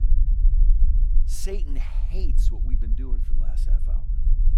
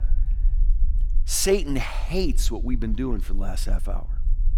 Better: second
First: low rumble; loud; throughout; 6 dB below the speech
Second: low rumble; faint; throughout; 25 dB below the speech

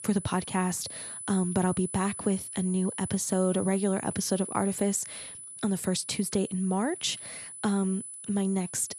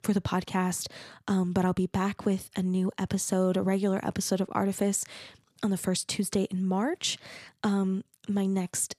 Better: second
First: high-pitched whine; loud; throughout; 10 kHz, 9 dB below the speech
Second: none

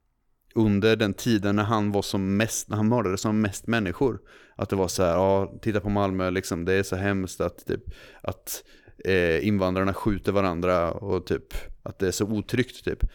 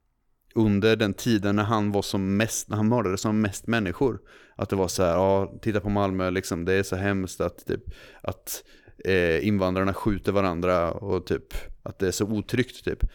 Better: neither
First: none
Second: none

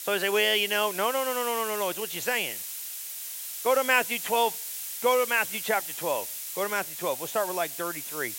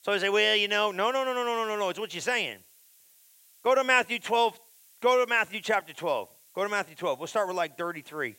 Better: second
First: hiss; loud; throughout; 6 dB below the speech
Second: hiss; faint; throughout; 30 dB below the speech

